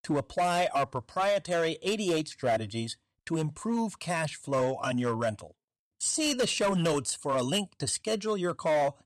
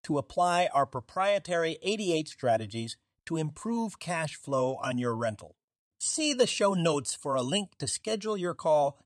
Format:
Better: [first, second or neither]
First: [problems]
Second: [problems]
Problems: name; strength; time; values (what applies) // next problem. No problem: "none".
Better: second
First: distortion; slight; 8% of the sound clipped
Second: none